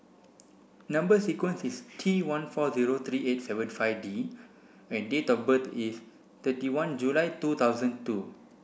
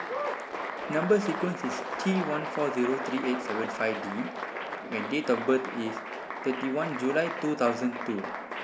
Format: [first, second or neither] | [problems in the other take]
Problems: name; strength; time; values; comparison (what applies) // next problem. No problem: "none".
first | background sound (Applause); 5 dB below the speech